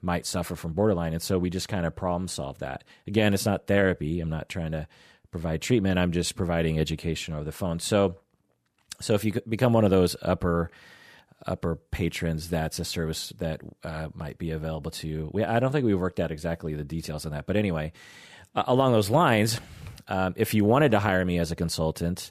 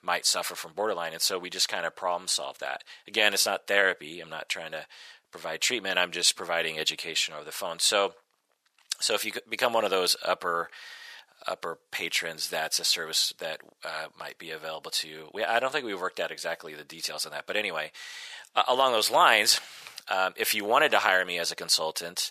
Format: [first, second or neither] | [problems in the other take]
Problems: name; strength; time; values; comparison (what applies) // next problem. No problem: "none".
first | thin; very; fading below 800 Hz